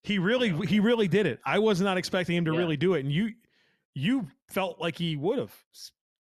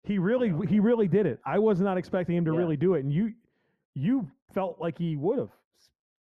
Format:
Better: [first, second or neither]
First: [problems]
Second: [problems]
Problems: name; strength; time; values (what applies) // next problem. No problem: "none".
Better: first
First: none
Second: muffled; very; fading above 2 kHz